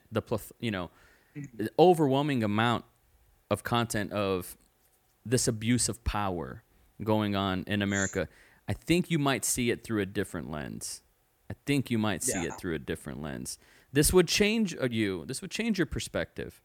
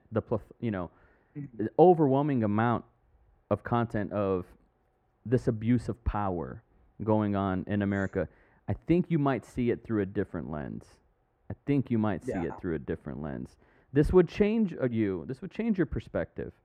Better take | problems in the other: first | muffled; very; fading above 3 kHz

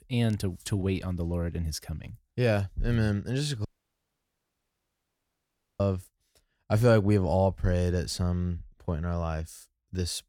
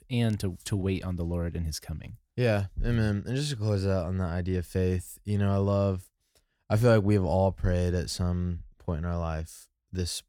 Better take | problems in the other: second | audio cutting out; at 3.5 s for 2 s

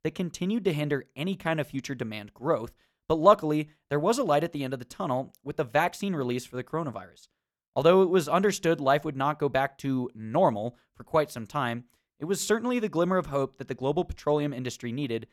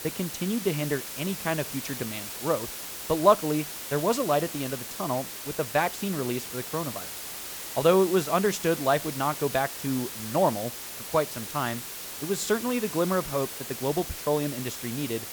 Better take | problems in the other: first | hiss; loud; throughout; 7 dB below the speech

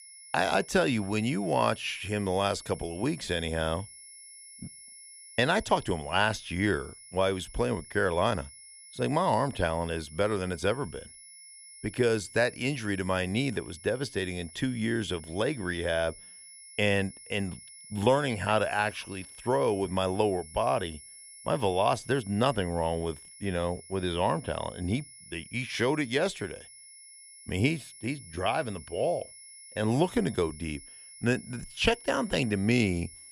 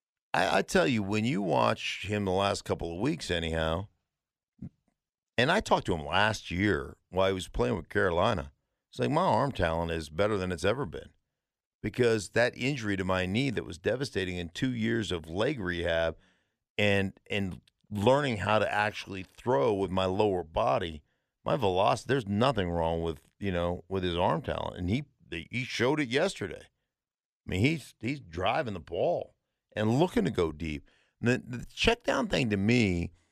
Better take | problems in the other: second | high-pitched whine; noticeable; throughout; 10.5 kHz, 15 dB below the speech

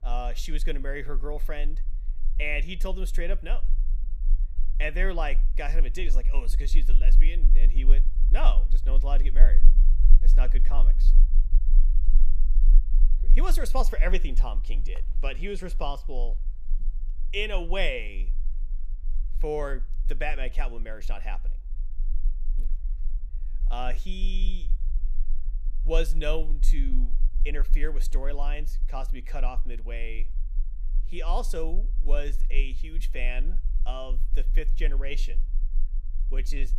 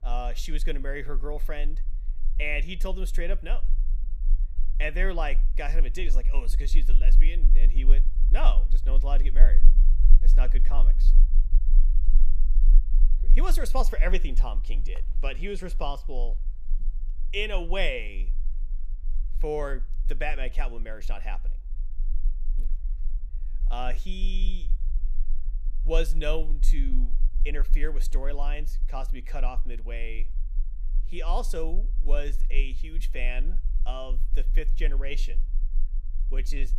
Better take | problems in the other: neither | low rumble; faint; throughout; 20 dB below the speech; the same in both

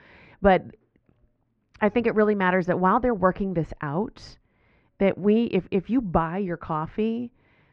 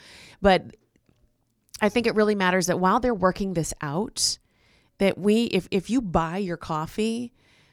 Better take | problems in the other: second | muffled; very; fading above 2 kHz

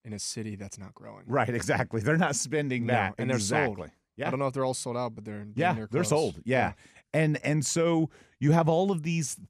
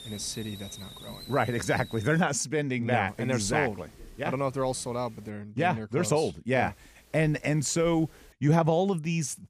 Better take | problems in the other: first | hiss; noticeable; until 2 s, from 3 to 5.5 s and from 6.5 to 8.5 s; 20 dB below the speech

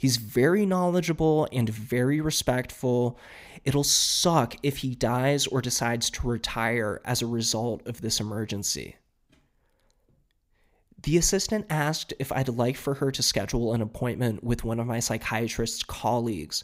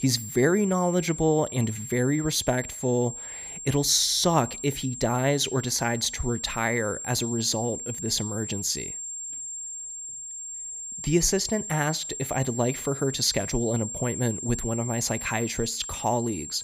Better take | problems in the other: first | high-pitched whine; loud; throughout; 7.5 kHz, 8 dB below the speech

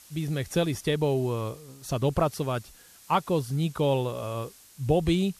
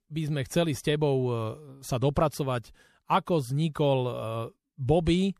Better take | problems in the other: second | hiss; faint; throughout; 25 dB below the speech

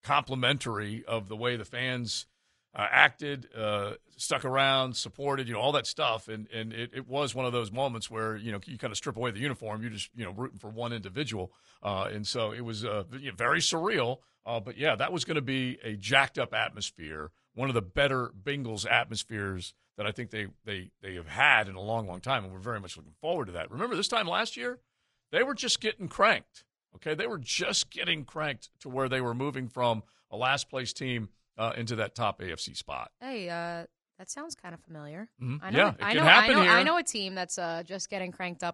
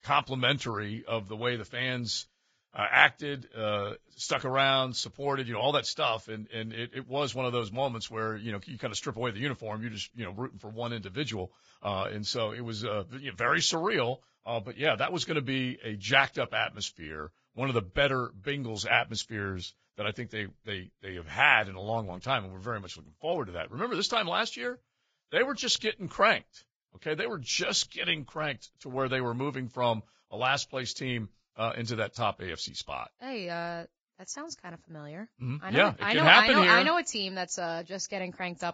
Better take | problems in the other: first | garbled, watery; badly; nothing above 7.5 kHz; slightly in the first

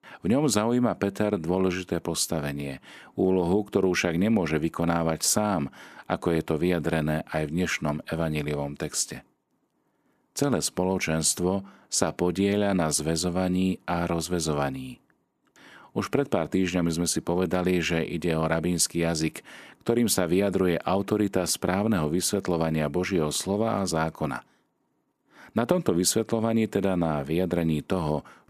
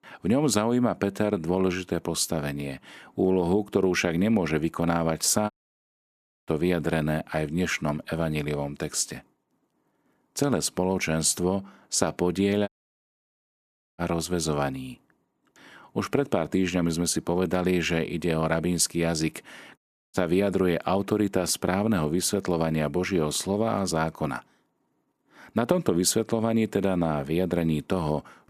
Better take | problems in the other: first | audio cutting out; at 5.5 s for 1 s, at 13 s for 1.5 s and at 20 s

